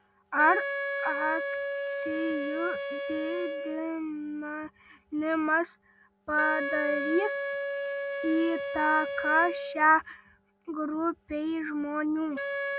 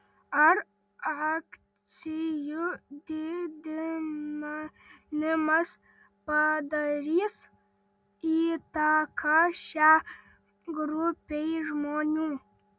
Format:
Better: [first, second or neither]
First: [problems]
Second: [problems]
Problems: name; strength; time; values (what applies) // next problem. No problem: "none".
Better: second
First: background sound (Wind instrument, woodwind instrument); 5 dB below the speech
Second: none